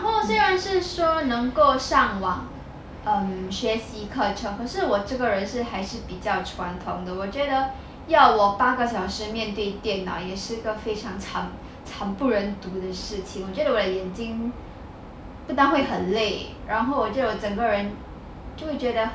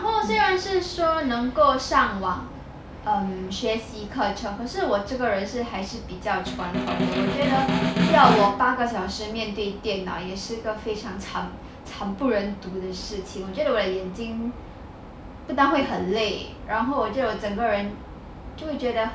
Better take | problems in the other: first | background sound (Snare drum); as loud as the speech

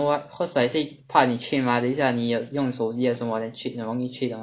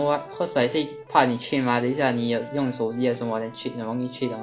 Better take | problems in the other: first | background sound (Accordion); 16 dB below the speech

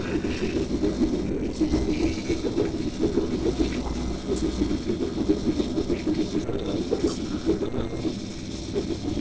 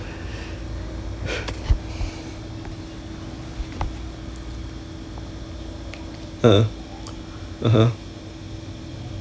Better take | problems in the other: second | noise reduction (neural separator model SepFormer DNS4)

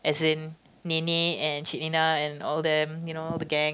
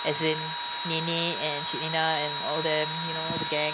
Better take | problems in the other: first | background sound (Engine / Drill); 2 dB below the speech

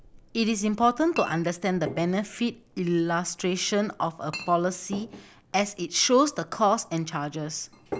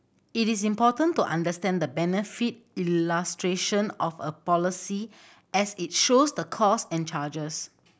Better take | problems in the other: second | background sound (Chink, clink); 17 dB below the speech

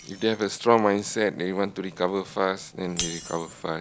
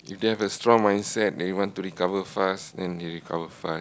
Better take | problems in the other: second | background sound (Shatter); 15 dB below the speech

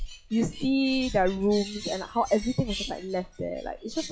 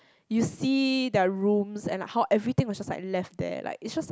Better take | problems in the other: second | noise reduction (classical method log-MMSE)

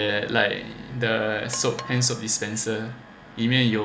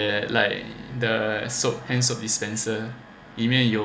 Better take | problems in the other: second | background sound (Percussion); 18 dB below the speech

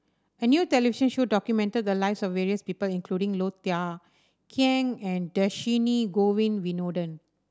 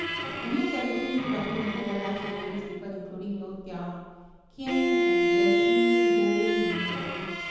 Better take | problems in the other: first | background sound (Bowed string instrument); 4 dB above the speech // room echo; dies away in 1.2 s

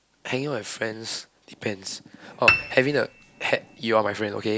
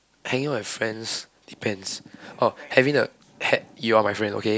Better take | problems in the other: second | background sound (Piano); as loud as the speech

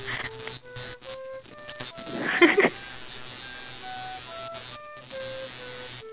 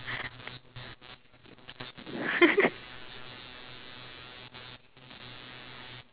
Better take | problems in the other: second | background sound (Wind instrument, woodwind instrument); 12 dB below the speech

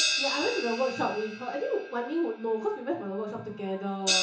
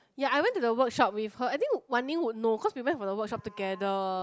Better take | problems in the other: second | background sound (Crash cymbal); 3 dB below the speech // room echo; dies away in 0.8 s

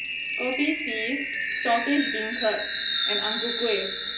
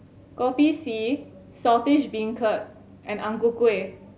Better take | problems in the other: second | background sound (Chime); 1 dB above the speech // room echo; dies away in 0.3 s

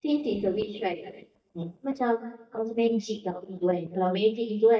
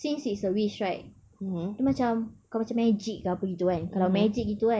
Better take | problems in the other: second | noise reduction (neural mask model DeepFilterNet 3)

